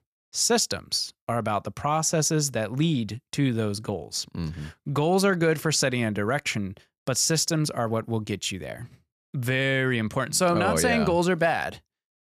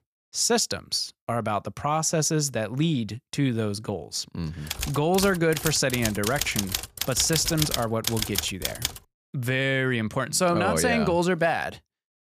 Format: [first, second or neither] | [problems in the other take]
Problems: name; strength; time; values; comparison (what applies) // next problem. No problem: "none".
first | keyboard typing; noticeable; from 4.5 to 9 s; peak 1 dB below the speech